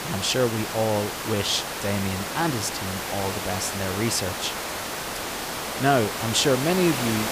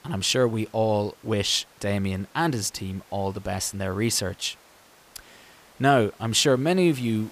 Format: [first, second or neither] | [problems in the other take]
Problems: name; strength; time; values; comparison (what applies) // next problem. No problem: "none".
second | hiss; loud; throughout; 4 dB below the speech; faint in the second